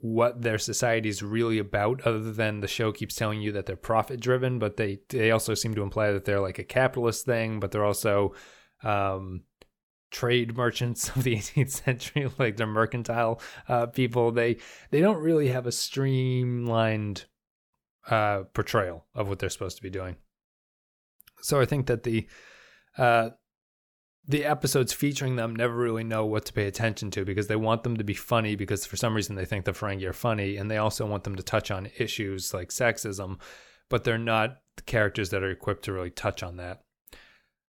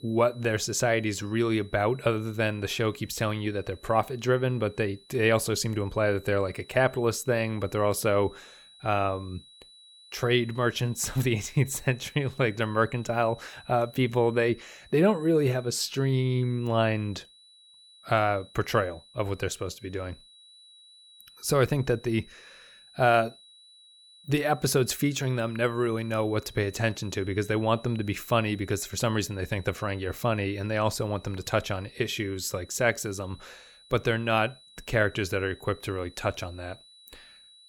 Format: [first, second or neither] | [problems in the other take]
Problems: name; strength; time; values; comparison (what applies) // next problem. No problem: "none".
first | high-pitched whine; faint; throughout; 4 kHz, 25 dB below the speech